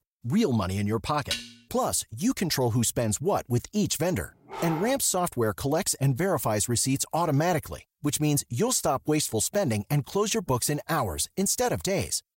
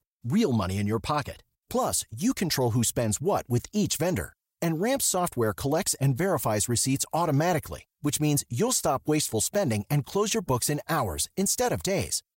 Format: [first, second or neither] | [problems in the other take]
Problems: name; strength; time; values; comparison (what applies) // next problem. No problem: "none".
second | clattering dishes; noticeable; at 1.5 s; peak 6 dB below the speech // dog barking; noticeable; at 4.5 s; peak 9 dB below the speech